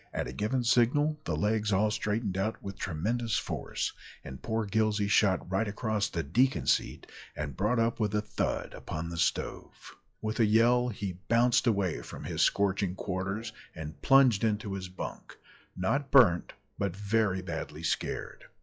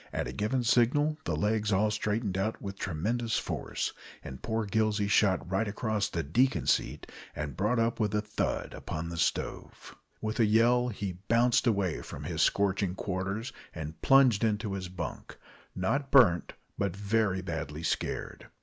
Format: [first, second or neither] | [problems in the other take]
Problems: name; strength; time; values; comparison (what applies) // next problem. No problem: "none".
second | noise reduction (classical method log-MMSE)